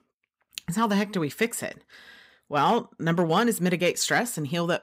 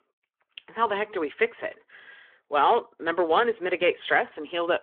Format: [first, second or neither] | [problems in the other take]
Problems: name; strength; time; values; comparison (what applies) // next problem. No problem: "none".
first | phone-call audio